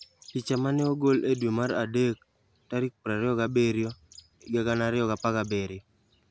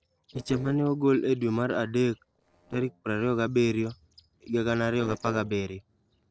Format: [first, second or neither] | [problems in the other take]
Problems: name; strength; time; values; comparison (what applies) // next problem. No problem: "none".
first | noise reduction (neural separator model SepFormer DNS4)